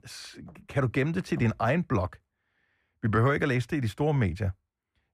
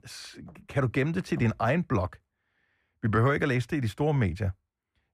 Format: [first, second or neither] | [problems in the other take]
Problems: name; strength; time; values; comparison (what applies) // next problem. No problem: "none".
neither | muffled; slightly; fading above 2.5 kHz; the same in both